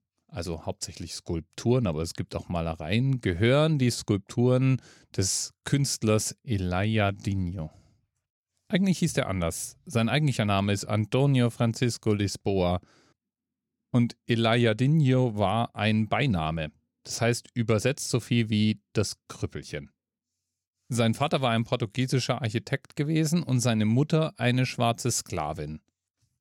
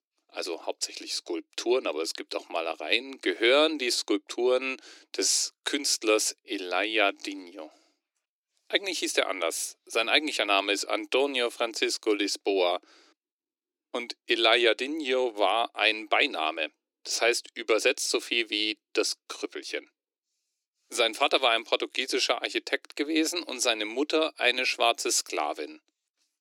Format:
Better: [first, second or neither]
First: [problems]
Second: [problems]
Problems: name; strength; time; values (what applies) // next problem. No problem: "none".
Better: first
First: none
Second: thin; very; fading below 300 Hz